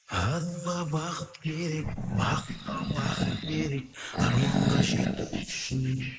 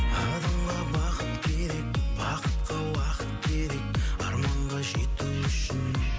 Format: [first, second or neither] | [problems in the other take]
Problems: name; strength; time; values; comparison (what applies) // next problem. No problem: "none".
second | noise reduction (neural mask model Resemble Enhance denoiser)